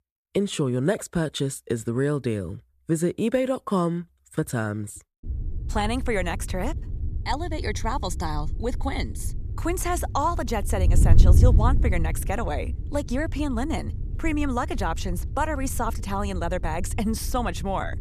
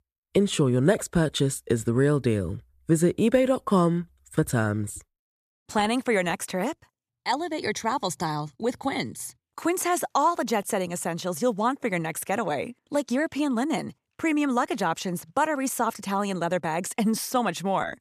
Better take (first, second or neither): second